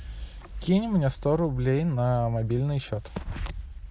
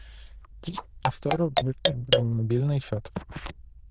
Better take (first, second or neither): first